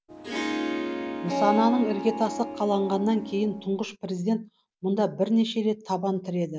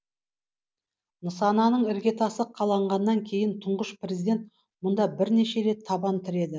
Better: second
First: background sound (Harp); 5 dB below the speech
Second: none

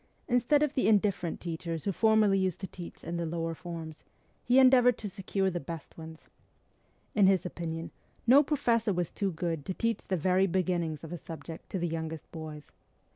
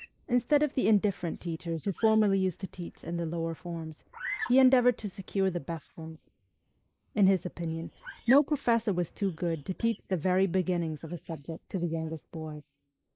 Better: first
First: none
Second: noise reduction (neural mask model Resemble Enhance denoiser)

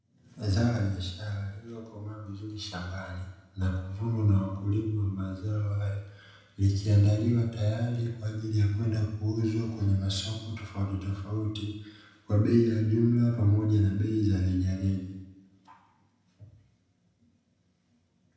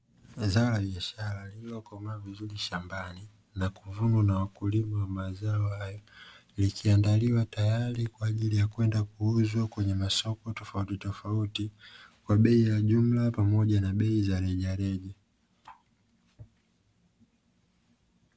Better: second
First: room echo; dies away in 0.8 s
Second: none

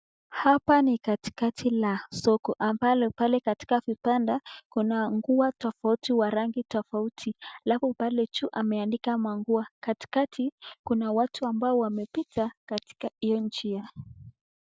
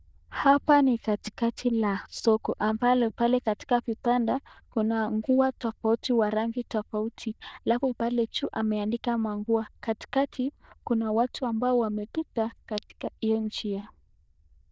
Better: first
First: none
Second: noise reduction (neural diffusion model UNIVERSE++)

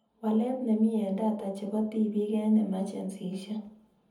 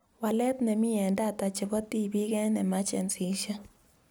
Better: second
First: room echo; dies away in 0.7 s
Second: none

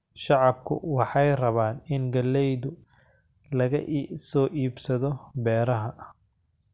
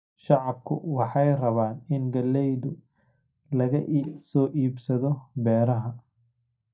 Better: first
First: none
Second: noise reduction (neural mask model DeepFilterNet 3)

